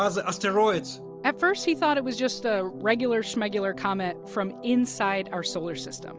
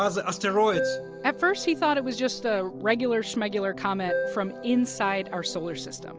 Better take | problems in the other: first | background sound (Keyboard (musical)); 9 dB below the speech

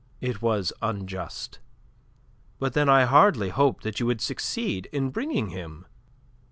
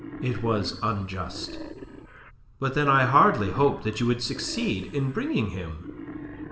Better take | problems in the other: first | background sound (Wild animals); 14 dB below the speech // room echo; dies away in 0.8 s

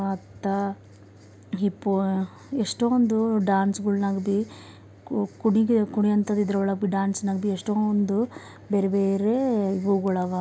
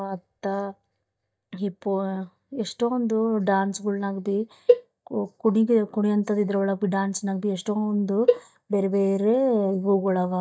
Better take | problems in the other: first | noise reduction (neural mask model DeepFilterNet 3)

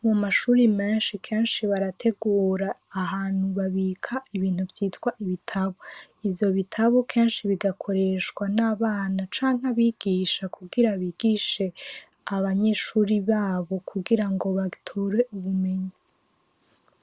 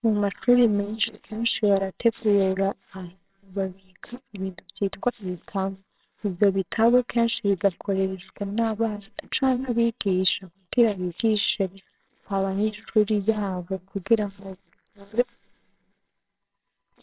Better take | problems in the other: first | noise reduction (neural separator model SepFormer WHAMR!)

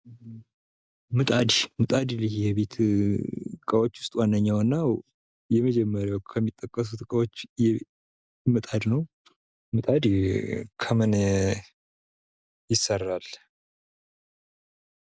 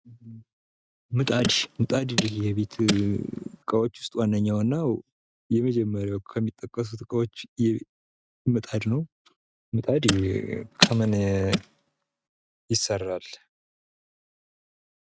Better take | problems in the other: first | noise reduction (neural mask model RNNoise)

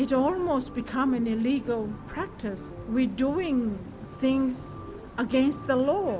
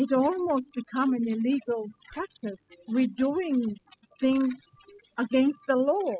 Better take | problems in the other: first | noise reduction (classical method spectral subtraction)

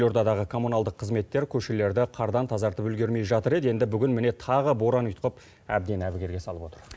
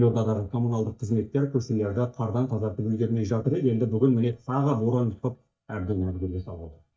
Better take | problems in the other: first | noise reduction (neural mask model DeepFilterNet 3)

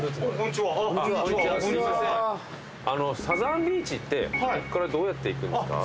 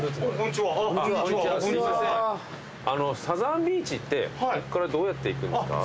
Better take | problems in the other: second | background sound (Organ); 9 dB below the speech

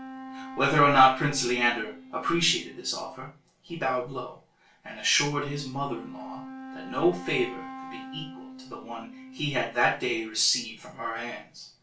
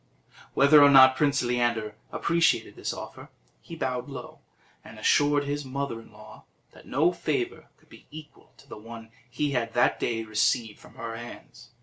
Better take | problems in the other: second | background sound (Wind instrument, woodwind instrument); 15 dB below the speech // room echo; dies away in 0.3 s

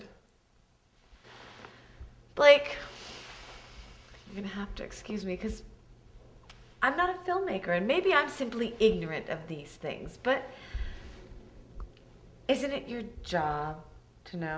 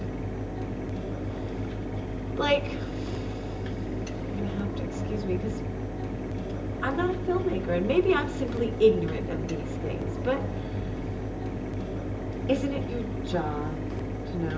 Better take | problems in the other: first | background sound (Mechanisms); as loud as the speech // room echo; dies away in 0.2 s

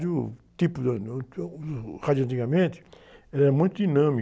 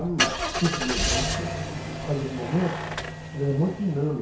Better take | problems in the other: first | background sound (Engine starting / Car); 1 dB below the speech // room echo; dies away in 0.6 s

